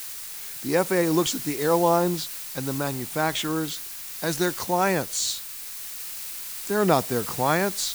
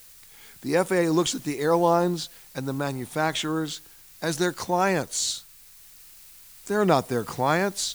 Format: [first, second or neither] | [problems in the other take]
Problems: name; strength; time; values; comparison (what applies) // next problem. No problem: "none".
second | hiss; loud; throughout; 7 dB below the speech; faint in the second